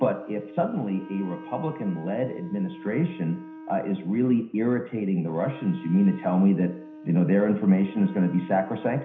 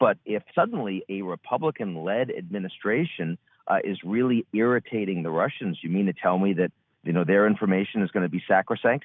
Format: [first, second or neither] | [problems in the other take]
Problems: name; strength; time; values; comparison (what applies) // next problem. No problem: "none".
second | background sound (Wind instrument, woodwind instrument); 17 dB below the speech // room echo; dies away in 0.5 s